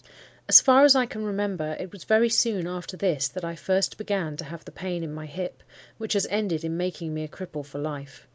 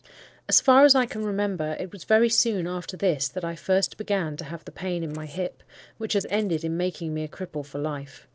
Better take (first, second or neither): first